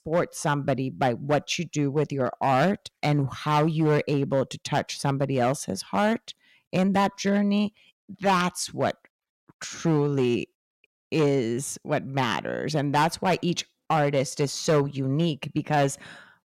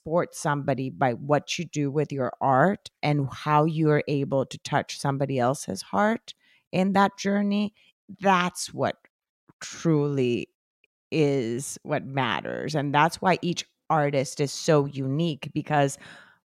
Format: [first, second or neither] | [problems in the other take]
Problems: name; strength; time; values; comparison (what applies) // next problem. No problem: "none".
second | distortion; slight; 4% of the sound clipped